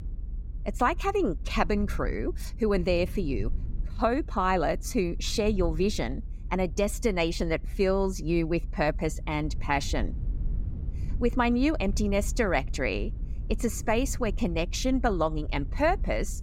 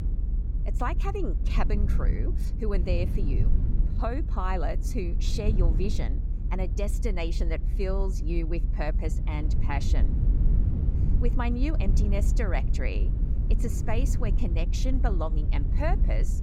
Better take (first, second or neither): first